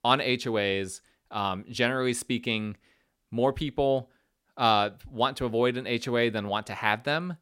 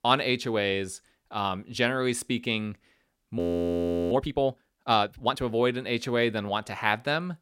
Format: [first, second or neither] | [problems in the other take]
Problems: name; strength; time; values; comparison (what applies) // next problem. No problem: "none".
first | audio freezing; at 3.5 s for 0.5 s